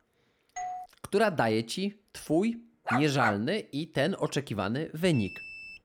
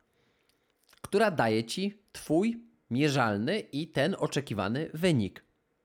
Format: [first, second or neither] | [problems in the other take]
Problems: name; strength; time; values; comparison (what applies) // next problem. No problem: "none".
second | doorbell; noticeable; at 0.5 s; peak 9 dB below the speech // dog barking; noticeable; at 3 s; peak 1 dB below the speech // alarm; faint; at 5 s; peak 10 dB below the speech